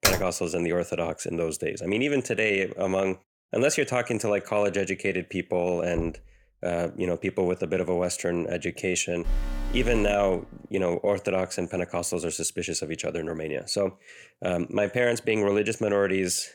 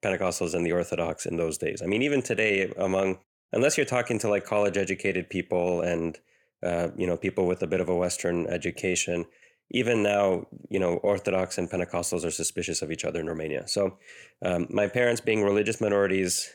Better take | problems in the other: second | keyboard typing; loud; at the start; peak 2 dB above the speech // door banging; faint; at 6 s; peak 10 dB below the speech // alarm; noticeable; from 9.5 to 10 s; peak 6 dB below the speech

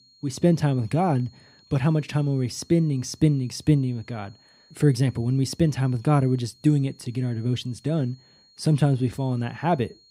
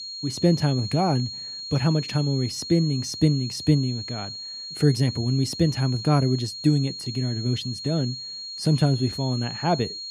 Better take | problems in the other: first | high-pitched whine; loud; throughout; 4.5 kHz, 8 dB below the speech; faint in the first

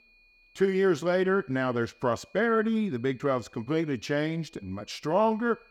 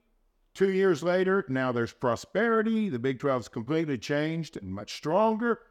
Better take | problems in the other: second | high-pitched whine; faint; throughout; 2.5 kHz, 30 dB below the speech

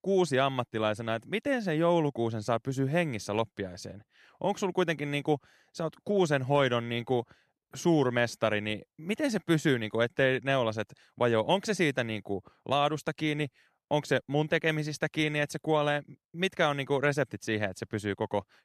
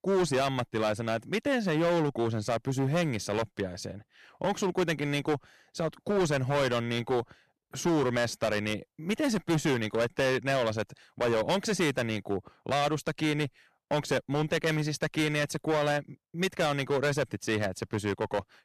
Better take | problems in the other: first | distortion; heavy; 12% of the sound clipped

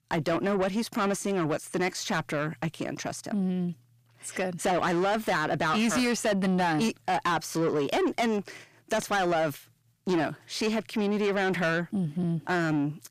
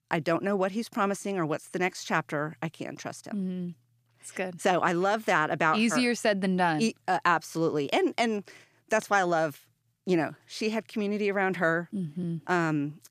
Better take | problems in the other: second | distortion; heavy; 7 dB below the speech

